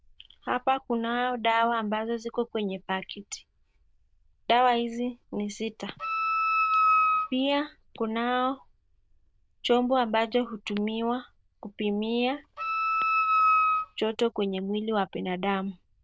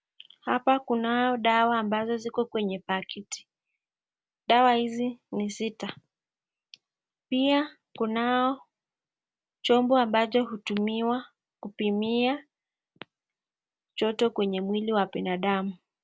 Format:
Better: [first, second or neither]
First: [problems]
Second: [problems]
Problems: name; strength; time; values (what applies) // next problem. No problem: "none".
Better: second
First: noise reduction (neural diffusion model UNIVERSE++)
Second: none